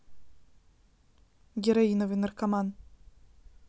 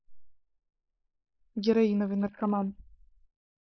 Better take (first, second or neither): first